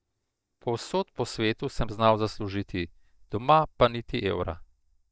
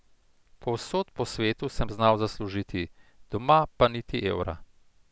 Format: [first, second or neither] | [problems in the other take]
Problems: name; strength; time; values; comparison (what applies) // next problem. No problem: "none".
second | noise reduction (neural mask model DeepFilterNet 3)